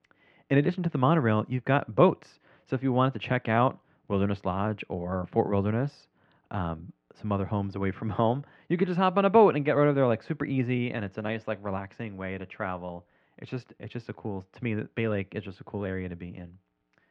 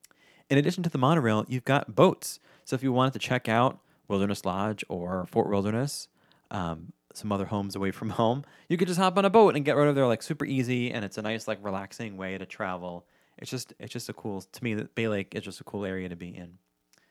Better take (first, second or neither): second